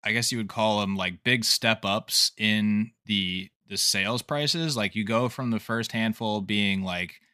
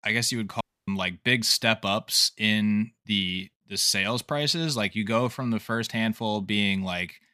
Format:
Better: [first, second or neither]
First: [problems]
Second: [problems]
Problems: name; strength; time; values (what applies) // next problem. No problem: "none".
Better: first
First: none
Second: audio cutting out; at 0.5 s